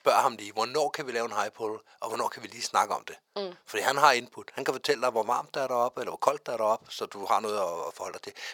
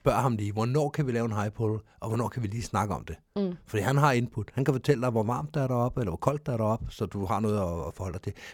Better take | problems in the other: second | thin; very; fading below 650 Hz

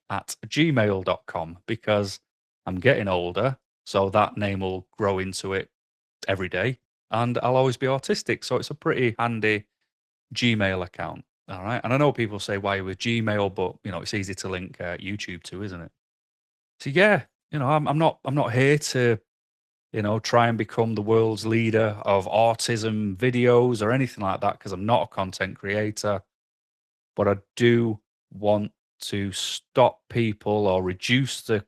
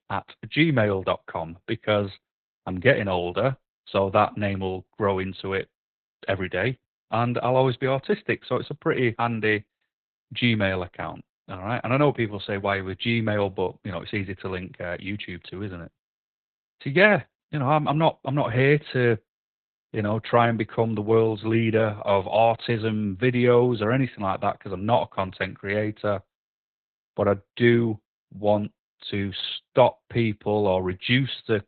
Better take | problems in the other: first | garbled, watery; badly; nothing above 4 kHz; slightly in the first

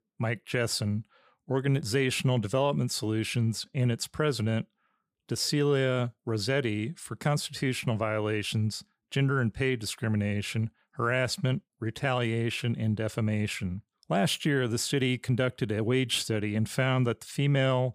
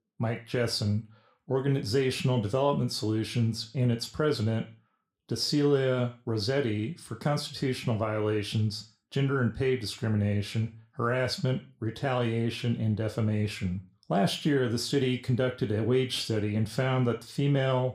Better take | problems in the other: first | room echo; very slight; dies away in 0.4 s

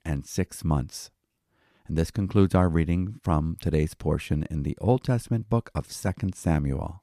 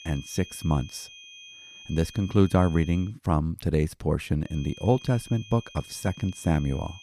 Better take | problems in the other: first | high-pitched whine; noticeable; until 3 s and from 4.5 s on; 3 kHz, 20 dB below the speech

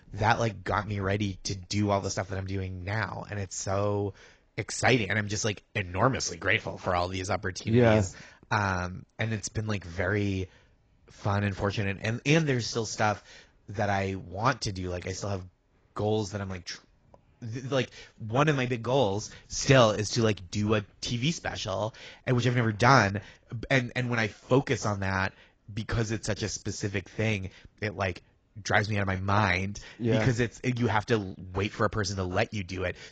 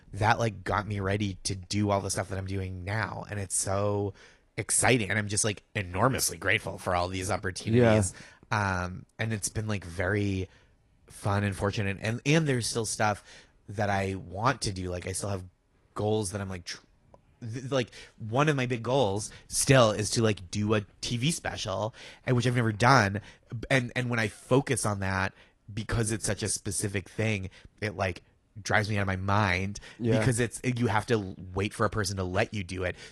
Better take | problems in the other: second | garbled, watery; badly; nothing above 7.5 kHz; slightly in the second

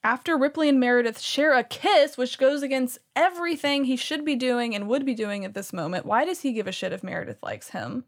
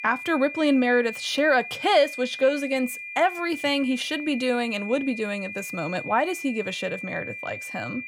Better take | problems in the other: first | high-pitched whine; loud; throughout; 2.5 kHz, 9 dB below the speech

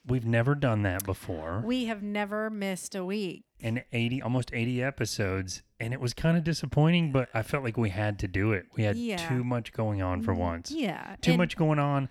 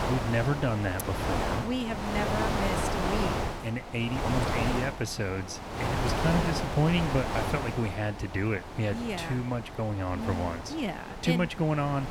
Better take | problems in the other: first | wind noise on the microphone; heavy; as loud as the speech

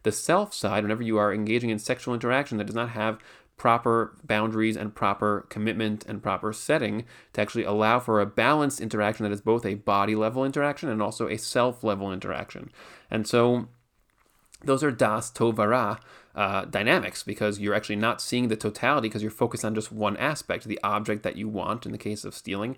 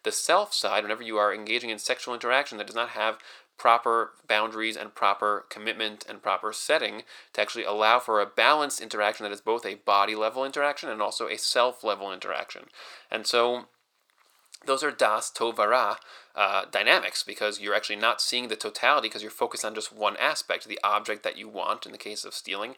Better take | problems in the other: first | thin; very; fading below 650 Hz

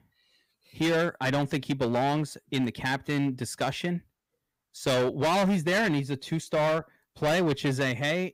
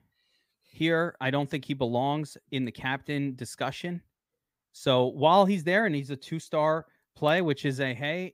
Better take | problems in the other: second | distortion; heavy; 15% of the sound clipped

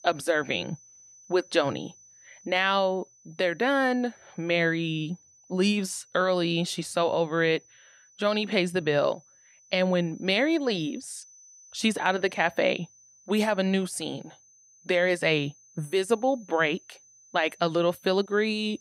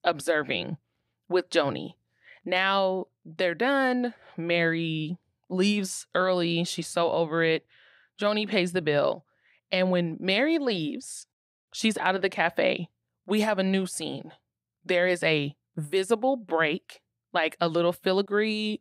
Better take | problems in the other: second | high-pitched whine; faint; throughout; 6 kHz, 25 dB below the speech

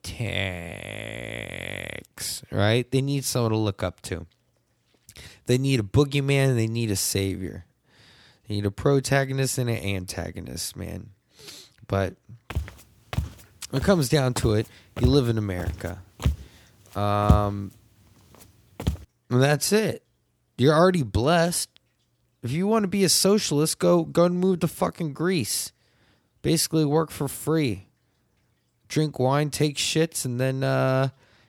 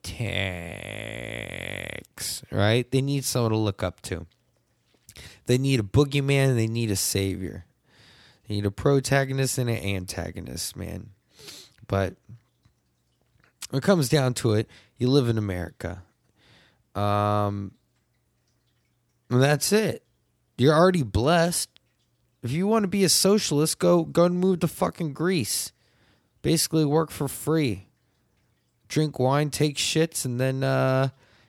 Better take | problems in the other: second | footsteps; loud; from 13 to 19 s; peak 1 dB above the speech

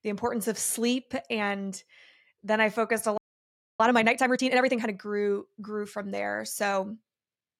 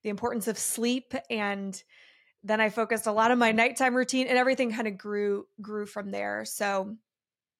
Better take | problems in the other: second | audio freezing; at 3 s for 0.5 s

